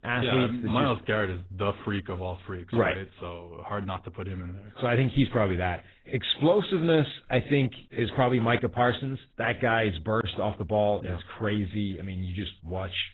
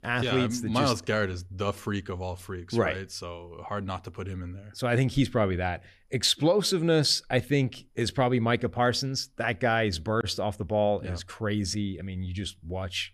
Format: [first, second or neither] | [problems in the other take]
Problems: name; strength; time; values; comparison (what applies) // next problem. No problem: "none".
second | garbled, watery; badly; nothing above 4 kHz